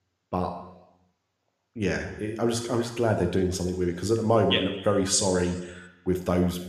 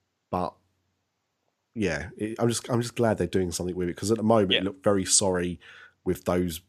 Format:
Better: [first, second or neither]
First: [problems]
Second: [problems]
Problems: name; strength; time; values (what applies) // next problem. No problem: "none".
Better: second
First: room echo; slight; dies away in 0.9 s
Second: none